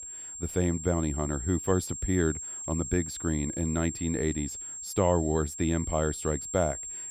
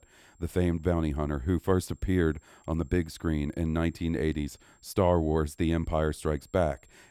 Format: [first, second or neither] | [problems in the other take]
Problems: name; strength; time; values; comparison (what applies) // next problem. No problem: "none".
second | high-pitched whine; loud; throughout; 7.5 kHz, 7 dB below the speech; faint in the second